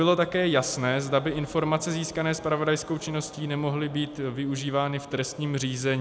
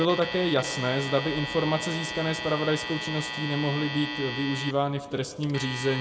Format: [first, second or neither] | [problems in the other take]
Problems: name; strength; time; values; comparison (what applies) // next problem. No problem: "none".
first | background sound (Alarm); 8 dB below the speech // room echo; dies away in 0.6 s